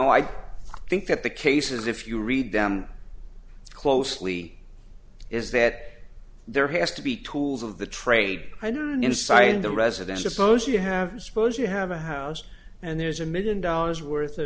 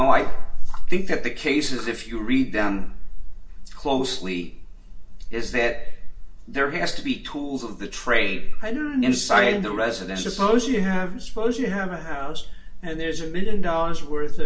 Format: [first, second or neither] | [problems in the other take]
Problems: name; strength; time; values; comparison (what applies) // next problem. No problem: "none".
first | room echo; dies away in 0.3 s